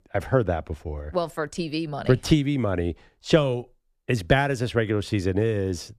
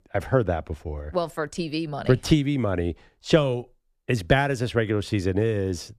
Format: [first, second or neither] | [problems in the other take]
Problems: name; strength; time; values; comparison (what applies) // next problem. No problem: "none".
neither | none